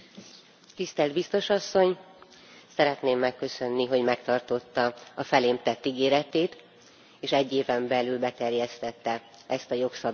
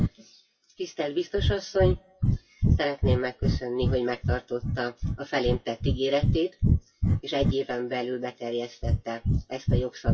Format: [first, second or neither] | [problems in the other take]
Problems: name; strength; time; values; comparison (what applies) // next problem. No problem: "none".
first | noise reduction (classical method WPE with log-MMSE)